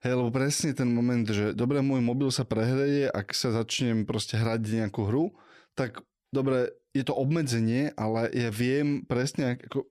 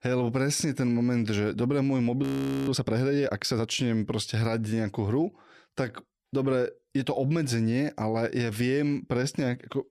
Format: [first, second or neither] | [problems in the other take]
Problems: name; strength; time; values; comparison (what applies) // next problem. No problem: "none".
first | audio freezing; at 2 s